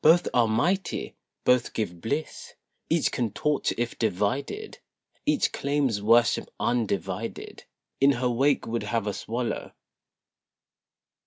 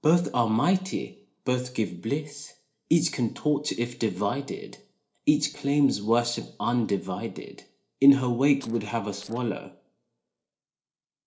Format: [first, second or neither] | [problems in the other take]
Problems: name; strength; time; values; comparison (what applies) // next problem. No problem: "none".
first | noise reduction (neural separator model SepFormer DNS4)